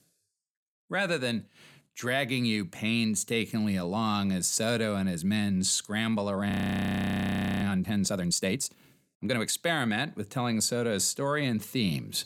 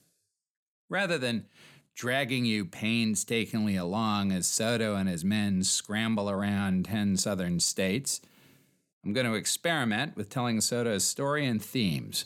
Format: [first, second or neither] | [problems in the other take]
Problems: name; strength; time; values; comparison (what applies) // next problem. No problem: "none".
second | audio freezing; at 6.5 s for 1 s